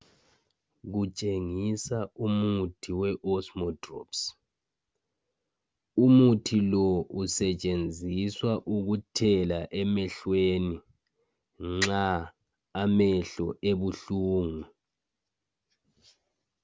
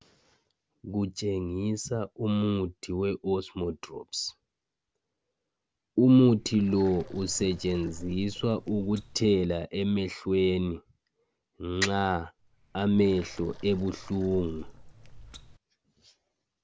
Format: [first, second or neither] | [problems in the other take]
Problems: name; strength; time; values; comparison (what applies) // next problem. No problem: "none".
first | background sound (Water); 17 dB below the speech